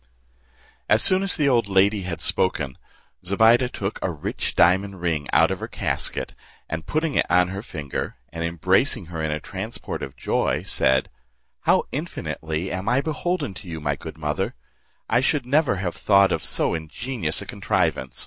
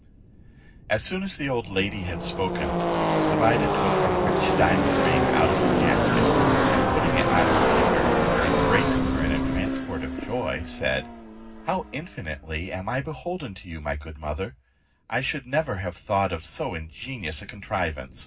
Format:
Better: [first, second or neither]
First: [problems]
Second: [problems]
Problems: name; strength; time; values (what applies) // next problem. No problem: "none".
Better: first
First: none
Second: background sound (Car passing by / Race car, auto racing); 4 dB above the speech // room echo; dies away in 0.4 s